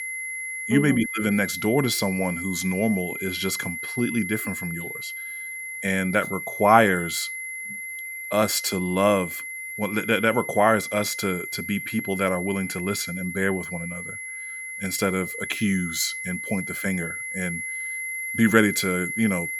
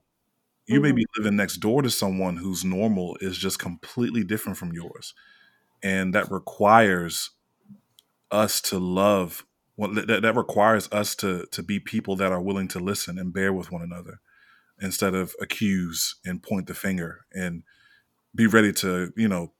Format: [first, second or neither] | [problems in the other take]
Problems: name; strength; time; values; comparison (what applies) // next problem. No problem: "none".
second | high-pitched whine; loud; throughout; 2 kHz, 6 dB below the speech